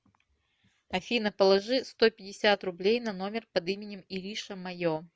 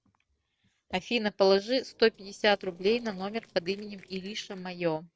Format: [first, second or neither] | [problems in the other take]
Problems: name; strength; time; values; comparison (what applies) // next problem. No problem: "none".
first | noise reduction (neural separator model SepFormer DNS4)